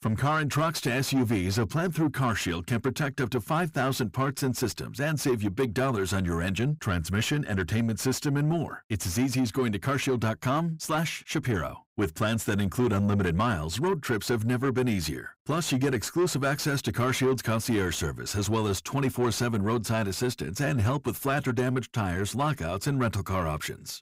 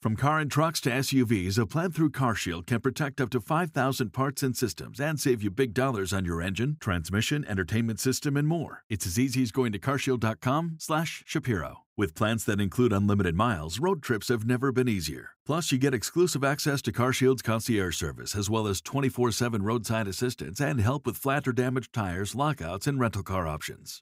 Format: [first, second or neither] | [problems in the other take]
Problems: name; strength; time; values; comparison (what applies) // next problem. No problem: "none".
second | distortion; slight; 10 dB below the speech